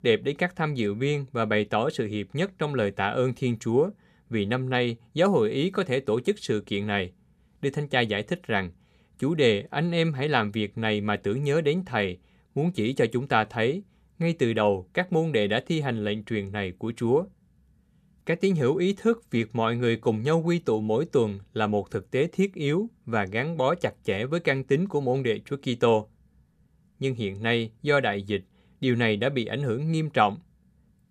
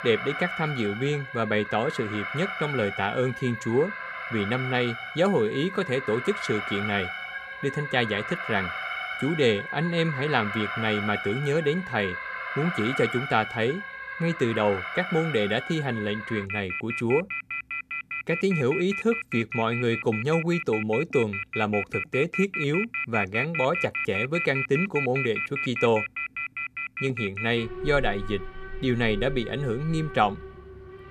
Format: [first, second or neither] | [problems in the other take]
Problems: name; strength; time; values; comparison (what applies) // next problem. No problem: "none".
first | alarms or sirens; loud; throughout; 5 dB below the speech